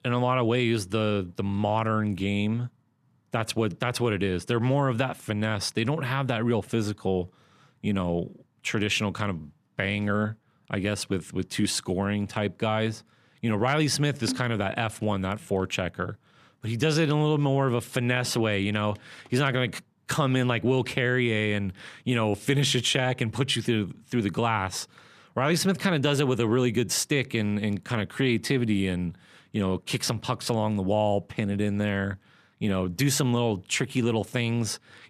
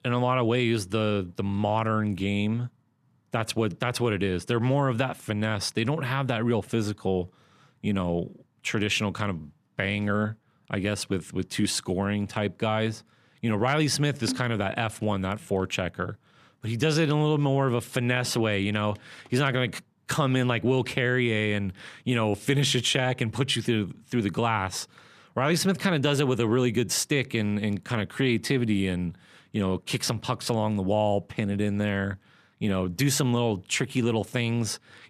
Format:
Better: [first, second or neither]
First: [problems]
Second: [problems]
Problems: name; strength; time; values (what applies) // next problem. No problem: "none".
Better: neither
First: none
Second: none